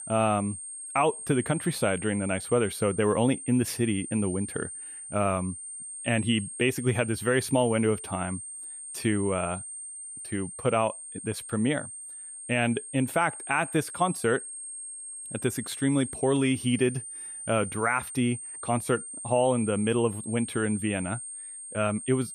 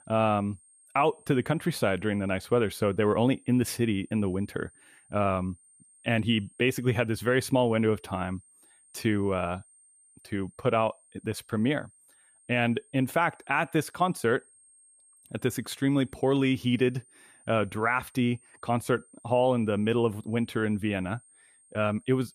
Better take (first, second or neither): second